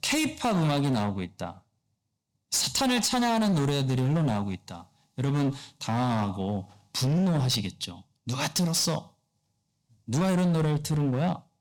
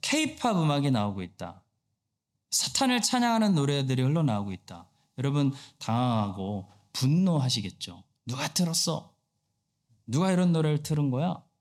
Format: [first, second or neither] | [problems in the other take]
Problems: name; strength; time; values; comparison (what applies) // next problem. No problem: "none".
second | distortion; slight; 16% of the sound clipped